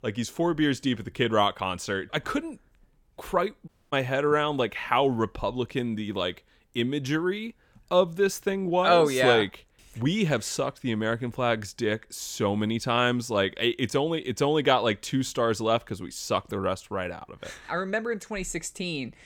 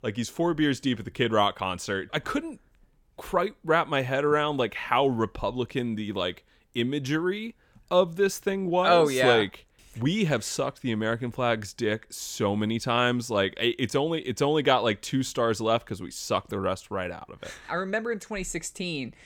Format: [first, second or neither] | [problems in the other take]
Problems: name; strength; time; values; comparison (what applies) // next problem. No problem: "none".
second | audio cutting out; at 3.5 s